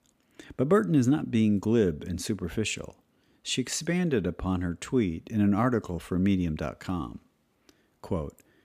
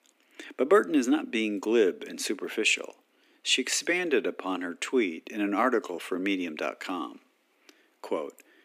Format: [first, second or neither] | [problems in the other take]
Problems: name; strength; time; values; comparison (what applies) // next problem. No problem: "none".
first | thin; somewhat; fading below 300 Hz